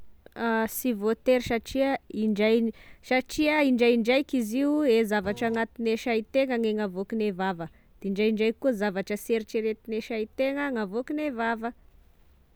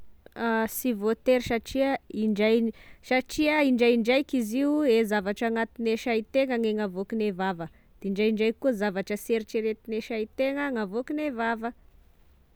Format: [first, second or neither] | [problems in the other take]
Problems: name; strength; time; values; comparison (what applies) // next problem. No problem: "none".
second | background sound (Printer); 16 dB below the speech